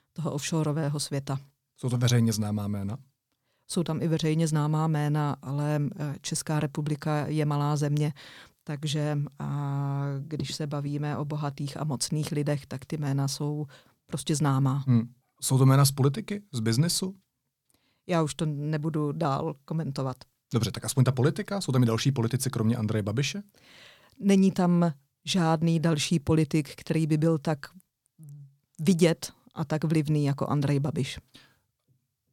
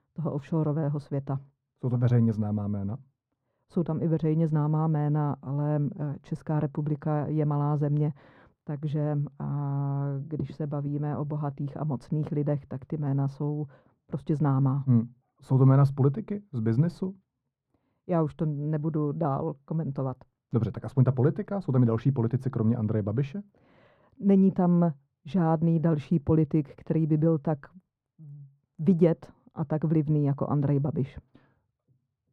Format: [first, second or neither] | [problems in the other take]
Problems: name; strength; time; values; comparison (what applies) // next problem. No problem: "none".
first | muffled; very; fading above 2.5 kHz